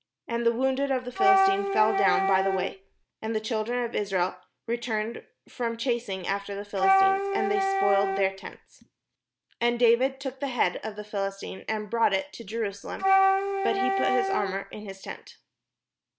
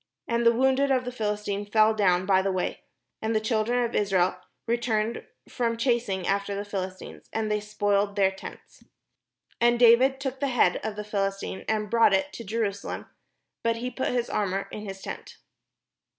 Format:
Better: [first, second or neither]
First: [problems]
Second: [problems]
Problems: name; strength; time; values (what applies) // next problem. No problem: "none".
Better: second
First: background sound (Wind instrument, woodwind instrument); 3 dB above the speech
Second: none